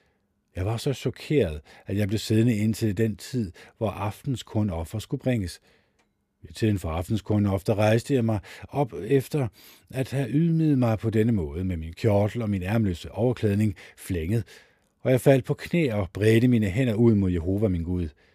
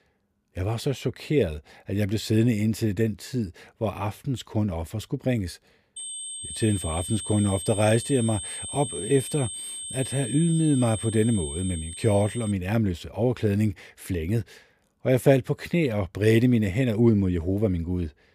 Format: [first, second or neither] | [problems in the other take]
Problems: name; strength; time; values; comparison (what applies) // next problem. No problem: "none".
first | high-pitched whine; loud; from 6 to 13 s; 8.5 kHz, 8 dB below the speech